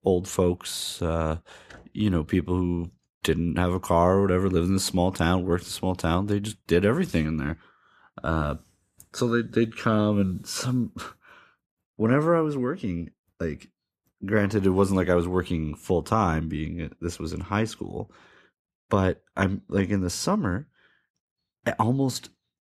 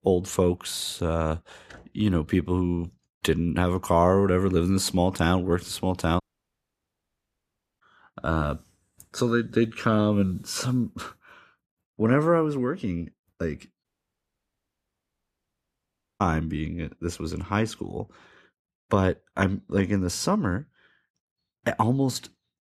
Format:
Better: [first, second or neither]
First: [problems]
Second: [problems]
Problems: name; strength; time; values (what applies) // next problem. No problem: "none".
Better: first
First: none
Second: audio cutting out; at 6 s for 1.5 s and at 14 s for 2.5 s